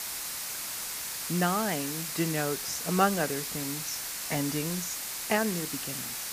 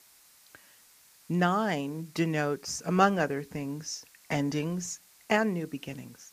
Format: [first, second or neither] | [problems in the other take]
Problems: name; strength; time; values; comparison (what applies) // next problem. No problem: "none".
second | hiss; loud; throughout; 2 dB below the speech; faint in the second